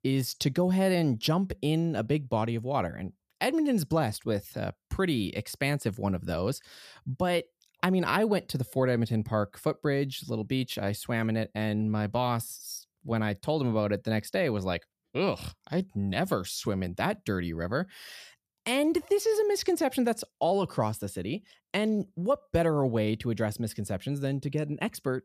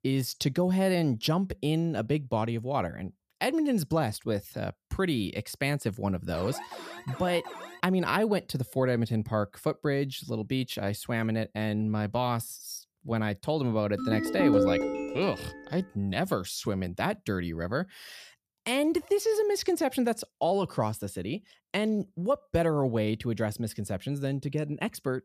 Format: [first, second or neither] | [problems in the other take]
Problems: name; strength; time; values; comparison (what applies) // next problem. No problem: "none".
first | alarm; faint; from 6.5 to 8 s; peak 10 dB below the speech // phone ringing; loud; from 14 to 15 s; peak 6 dB above the speech